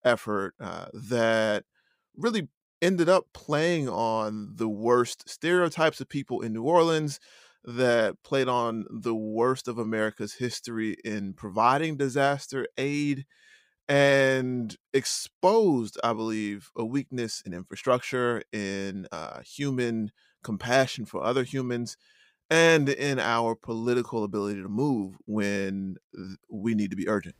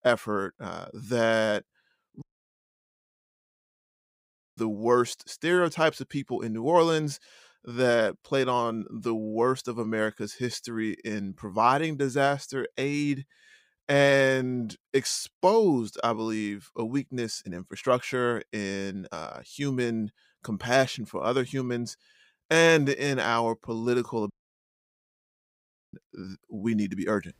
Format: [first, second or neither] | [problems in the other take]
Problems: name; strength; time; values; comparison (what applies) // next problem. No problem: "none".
first | audio cutting out; at 2 s for 2.5 s and at 24 s for 1.5 s